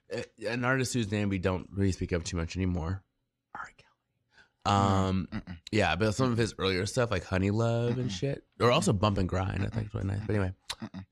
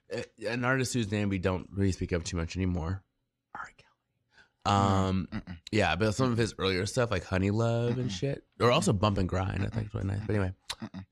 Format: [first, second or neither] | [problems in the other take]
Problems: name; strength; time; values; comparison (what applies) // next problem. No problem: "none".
neither | none